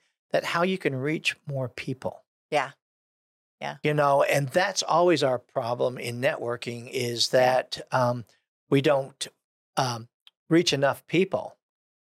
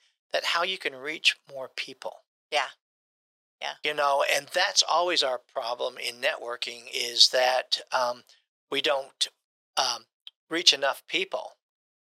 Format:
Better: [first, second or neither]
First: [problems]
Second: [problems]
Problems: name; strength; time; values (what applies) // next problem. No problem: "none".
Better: first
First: none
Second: thin; very; fading below 650 Hz